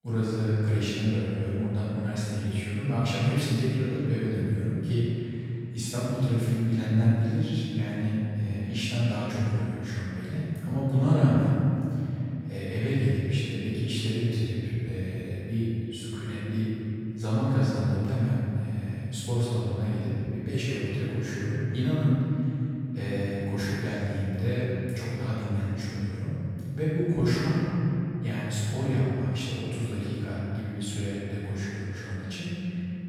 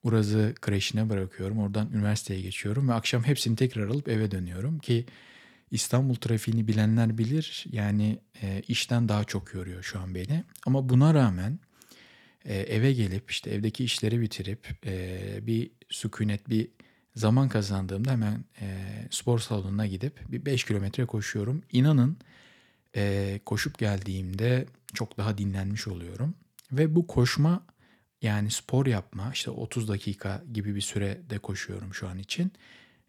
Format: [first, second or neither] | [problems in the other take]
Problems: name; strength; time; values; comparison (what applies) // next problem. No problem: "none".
second | off-mic speech; far // room echo; strong; dies away in 3 s